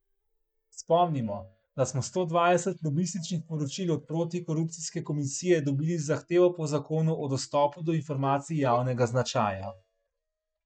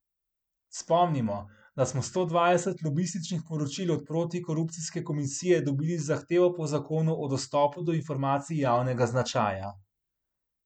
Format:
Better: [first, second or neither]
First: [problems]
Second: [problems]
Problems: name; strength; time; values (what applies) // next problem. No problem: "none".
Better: second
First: noise reduction (neural mask model DeepFilterNet 3)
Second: none